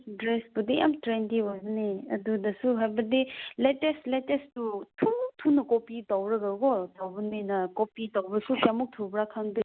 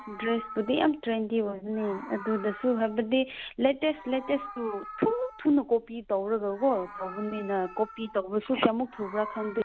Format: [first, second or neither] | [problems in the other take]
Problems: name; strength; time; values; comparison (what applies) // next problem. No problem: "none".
first | background sound (Meow); 16 dB below the speech